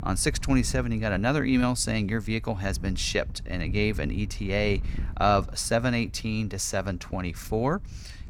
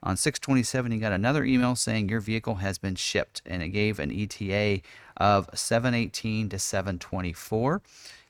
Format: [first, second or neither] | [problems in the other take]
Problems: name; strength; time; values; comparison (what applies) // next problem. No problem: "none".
second | wind noise on the microphone; occasional gusts; 25 dB below the speech